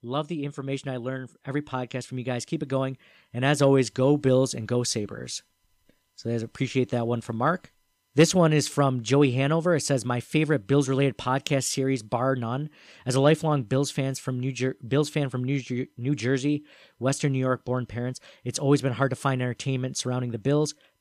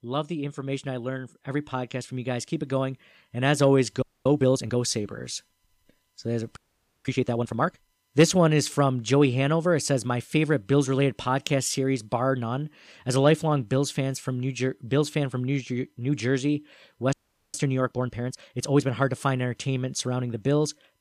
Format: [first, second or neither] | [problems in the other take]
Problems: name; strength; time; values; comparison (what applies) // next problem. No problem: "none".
first | audio freezing; at 4 s, at 6.5 s and at 17 s